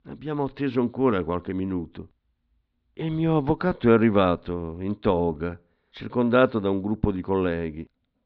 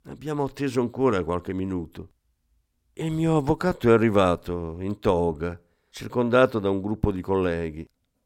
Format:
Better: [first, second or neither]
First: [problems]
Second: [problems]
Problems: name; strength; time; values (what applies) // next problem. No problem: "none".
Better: second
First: muffled; slightly; fading above 4 kHz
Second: none